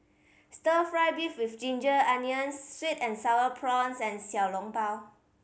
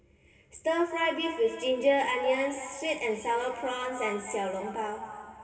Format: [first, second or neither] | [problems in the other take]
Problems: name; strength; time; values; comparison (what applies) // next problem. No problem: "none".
first | room echo; dies away in 2.9 s